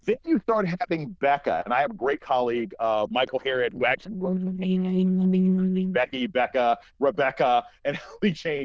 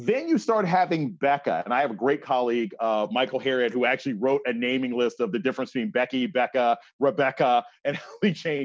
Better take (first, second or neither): second